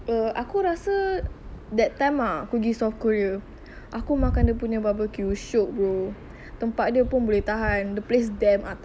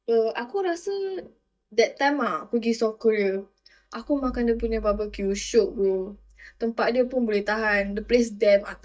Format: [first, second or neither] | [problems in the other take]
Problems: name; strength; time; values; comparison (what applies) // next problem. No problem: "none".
first | noise reduction (neural mask model DeepFilterNet 3)